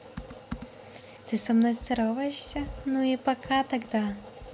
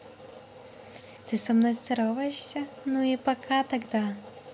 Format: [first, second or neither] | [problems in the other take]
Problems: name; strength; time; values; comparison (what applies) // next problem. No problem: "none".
second | background sound (Computer keyboard); 17 dB below the speech